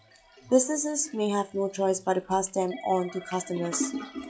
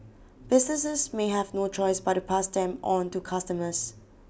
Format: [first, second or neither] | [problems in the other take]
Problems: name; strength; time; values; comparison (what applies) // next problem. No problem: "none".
second | noise reduction (classical method log-MMSE)